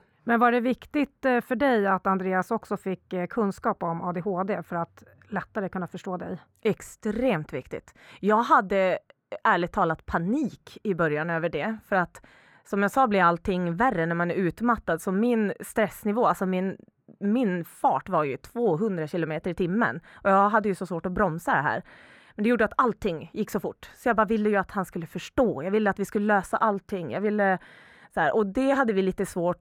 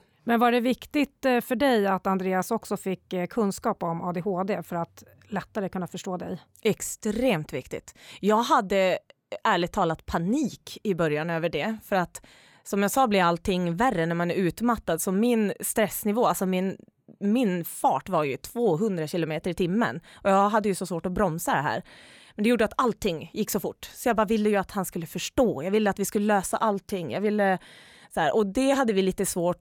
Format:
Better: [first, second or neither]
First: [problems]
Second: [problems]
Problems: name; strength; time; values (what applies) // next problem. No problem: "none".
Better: second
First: muffled; slightly; fading above 3 kHz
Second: none